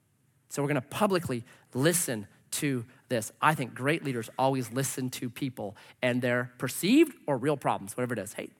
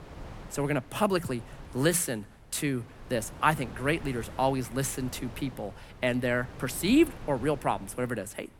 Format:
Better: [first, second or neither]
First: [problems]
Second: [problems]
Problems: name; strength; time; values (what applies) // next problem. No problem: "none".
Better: first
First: none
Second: wind noise on the microphone; occasional gusts; 20 dB below the speech